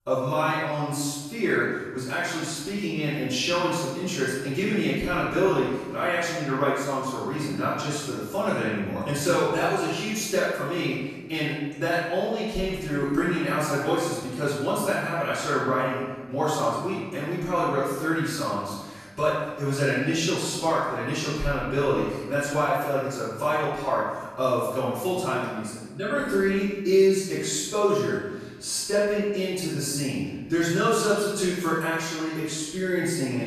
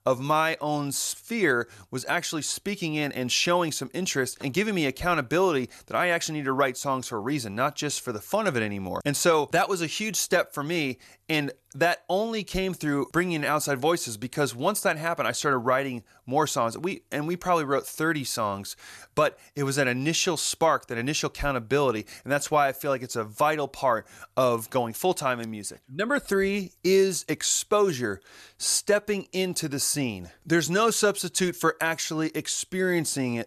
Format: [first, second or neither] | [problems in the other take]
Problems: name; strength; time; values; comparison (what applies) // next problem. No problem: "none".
second | room echo; strong; dies away in 1.2 s // off-mic speech; far